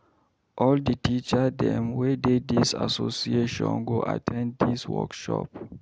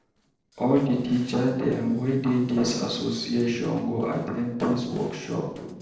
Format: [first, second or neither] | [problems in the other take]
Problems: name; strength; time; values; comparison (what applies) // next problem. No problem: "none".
first | noise reduction (neural separator model SepFormer DNS4)